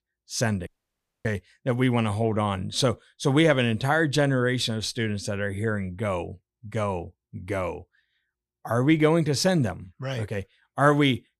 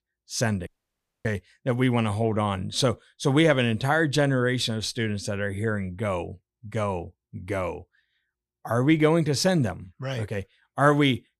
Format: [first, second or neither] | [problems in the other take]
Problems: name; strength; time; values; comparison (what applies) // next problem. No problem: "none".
neither | audio cutting out; at 0.5 s for 0.5 s; the same in both